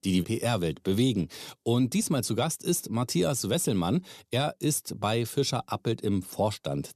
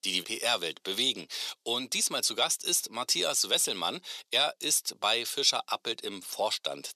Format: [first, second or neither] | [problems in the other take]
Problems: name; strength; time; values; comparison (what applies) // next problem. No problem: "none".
first | thin; very; fading below 600 Hz